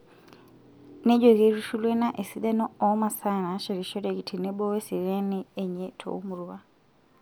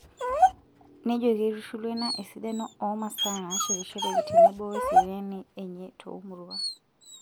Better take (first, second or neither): first